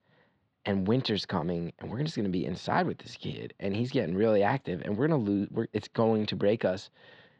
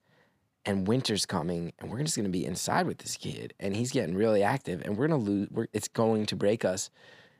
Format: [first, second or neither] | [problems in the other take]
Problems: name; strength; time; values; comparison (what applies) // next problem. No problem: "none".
second | muffled; slightly; fading above 4 kHz